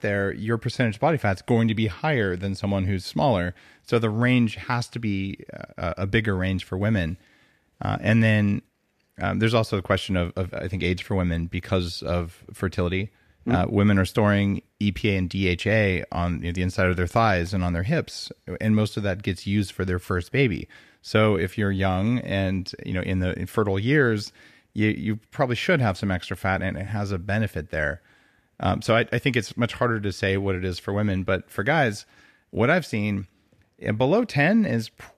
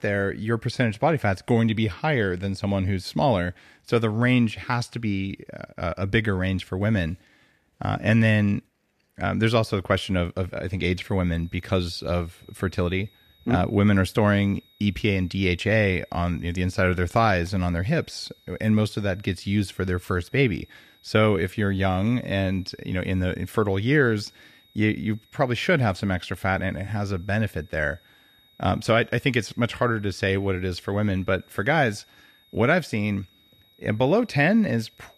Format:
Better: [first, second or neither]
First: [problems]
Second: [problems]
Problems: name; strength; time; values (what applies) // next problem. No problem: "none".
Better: first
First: none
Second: high-pitched whine; faint; from 11 s on; 4 kHz, 30 dB below the speech